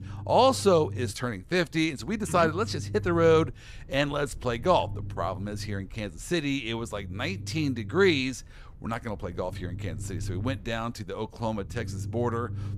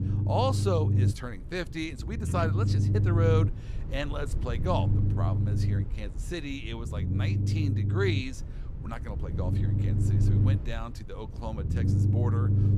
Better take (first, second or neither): first